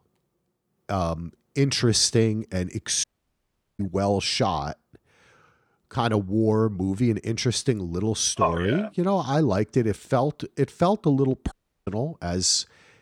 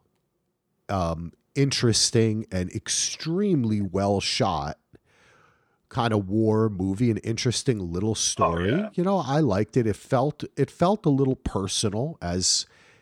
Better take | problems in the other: second | audio cutting out; at 3 s for 1 s and at 12 s

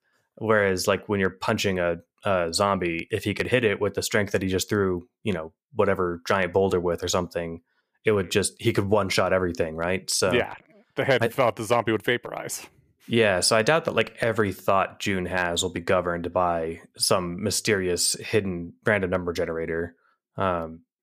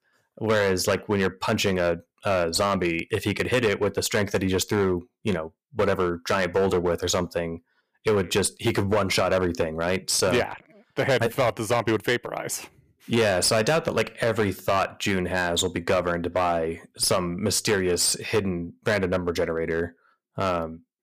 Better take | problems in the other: first | distortion; slight; 7% of the sound clipped

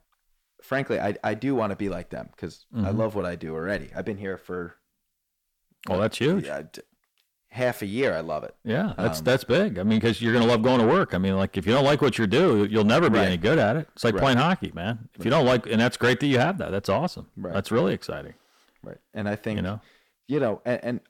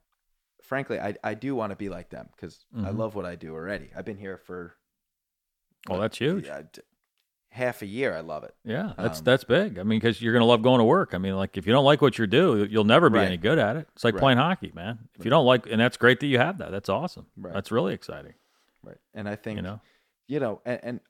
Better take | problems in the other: second | distortion; heavy; 7 dB below the speech

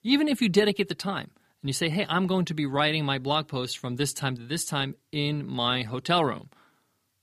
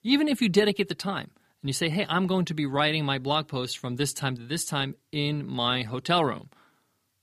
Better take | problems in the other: neither | none

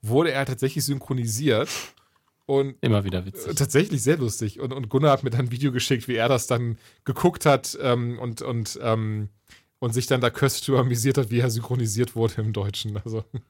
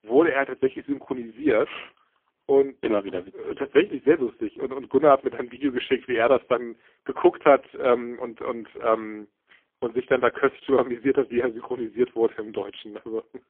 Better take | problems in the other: first | phone-call audio; poor line; nothing above 3 kHz

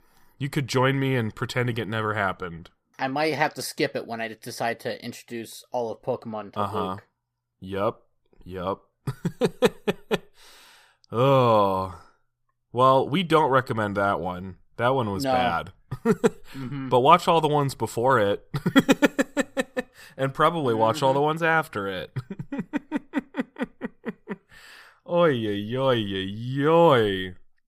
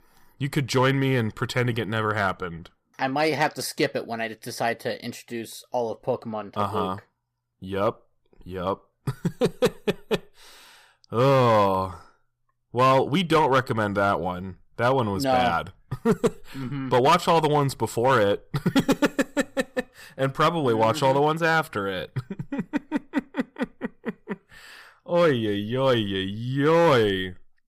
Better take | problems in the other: first | distortion; slight; 3% of the sound clipped

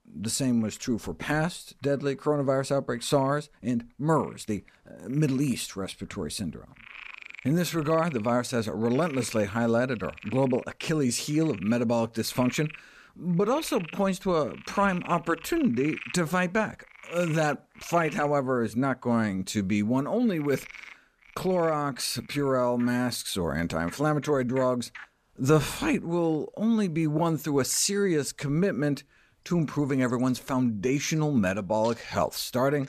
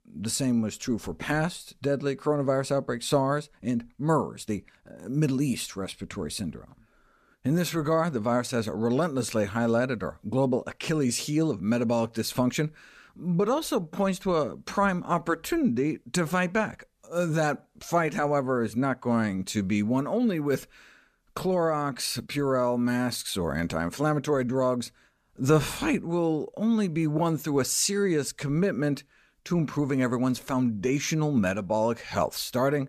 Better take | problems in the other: second | animal sounds; noticeable; throughout; 20 dB below the speech

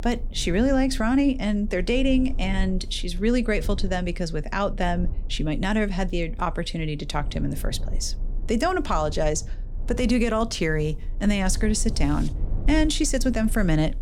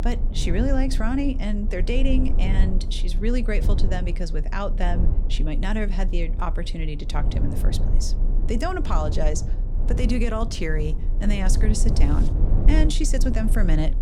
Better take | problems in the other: first | low rumble; loud; throughout; 10 dB below the speech; faint in the first

